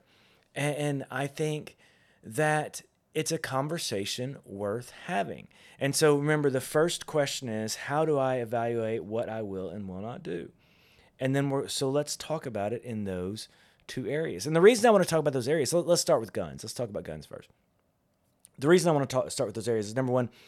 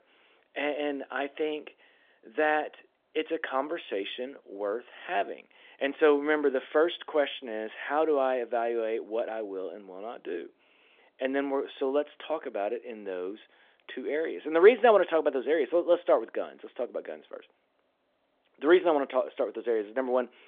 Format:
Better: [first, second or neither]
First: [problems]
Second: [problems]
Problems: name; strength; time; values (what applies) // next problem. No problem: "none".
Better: first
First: none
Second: phone-call audio; nothing above 3.5 kHz